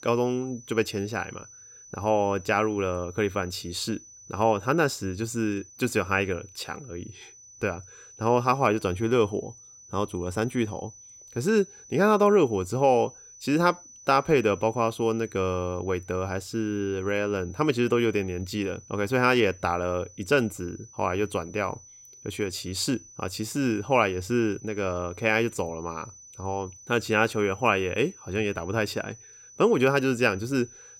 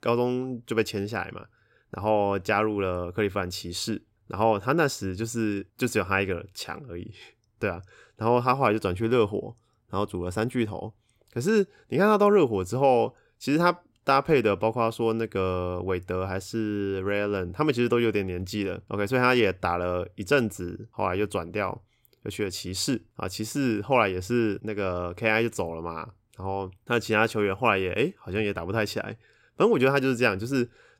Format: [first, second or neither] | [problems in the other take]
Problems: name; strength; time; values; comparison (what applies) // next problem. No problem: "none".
second | high-pitched whine; faint; throughout; 6 kHz, 20 dB below the speech